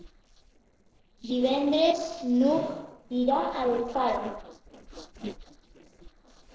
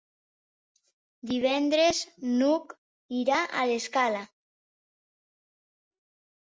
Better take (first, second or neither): second